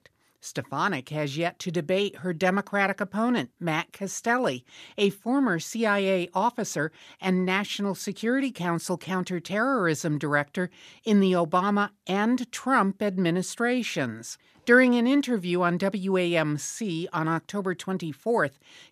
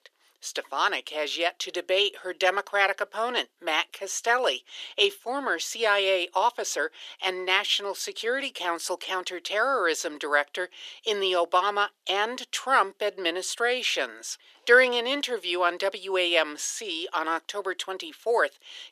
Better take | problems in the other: first | thin; very; fading below 400 Hz

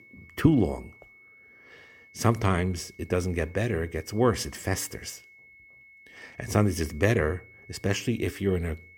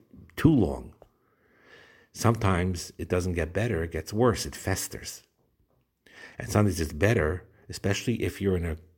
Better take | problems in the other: second | high-pitched whine; faint; throughout; 2 kHz, 25 dB below the speech

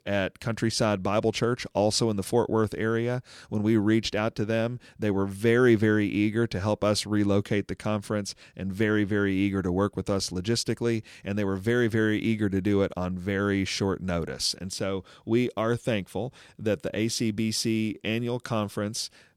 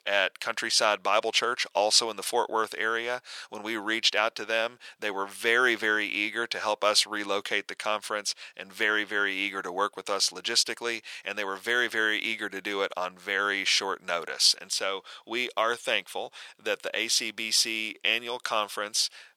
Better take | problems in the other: first | thin; very; fading below 850 Hz

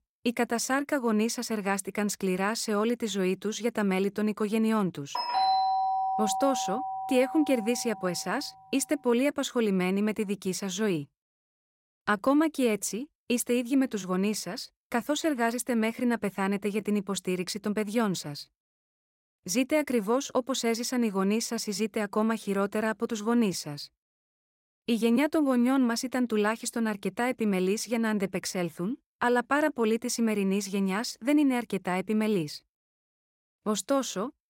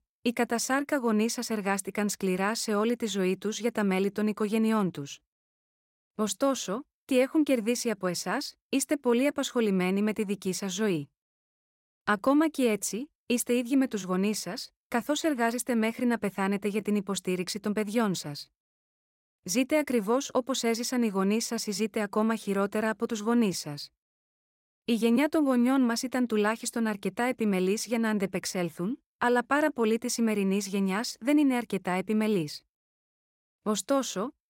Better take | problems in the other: second | doorbell; loud; from 5 to 8 s; peak 3 dB above the speech

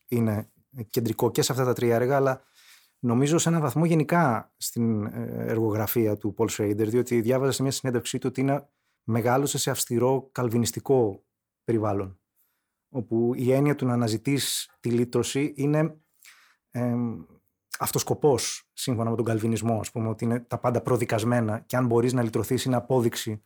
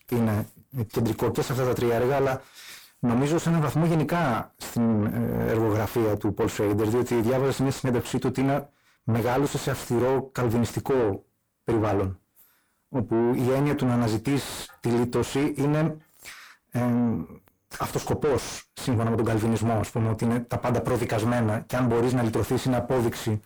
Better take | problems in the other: first | distortion; heavy; 6 dB below the speech

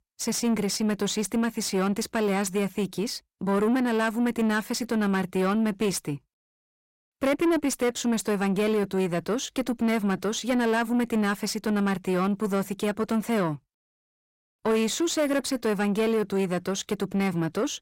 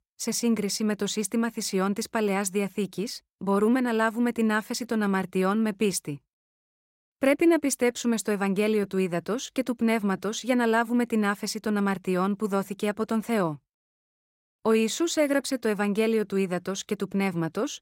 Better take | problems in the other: second | distortion; slight; 10 dB below the speech

